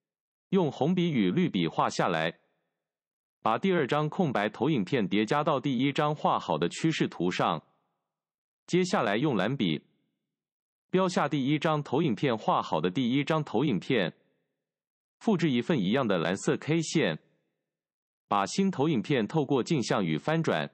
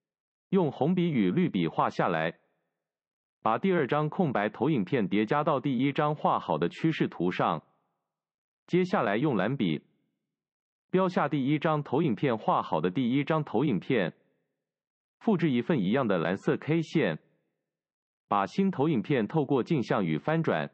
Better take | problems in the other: first | muffled; very slightly; fading above 2.5 kHz

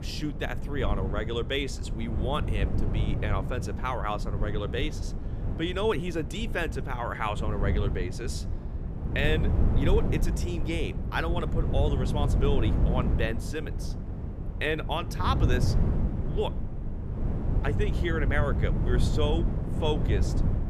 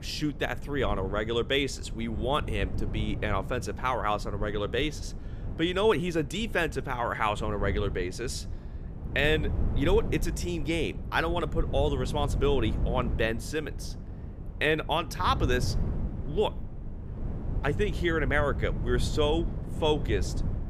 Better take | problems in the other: second | wind noise on the microphone; heavy; 8 dB below the speech; occasional gusts in the second

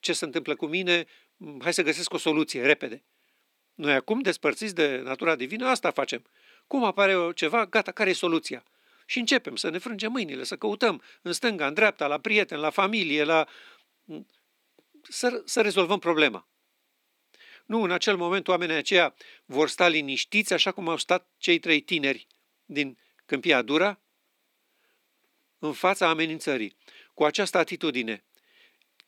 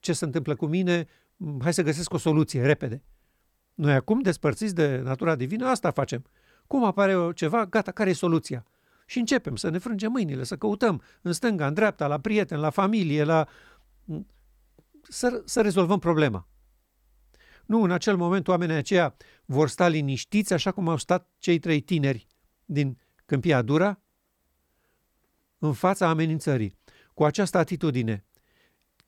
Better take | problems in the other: second | thin; somewhat; fading below 250 Hz

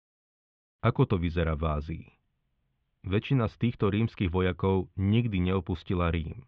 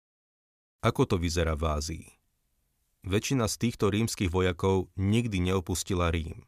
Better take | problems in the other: second | muffled; very; fading above 3.5 kHz

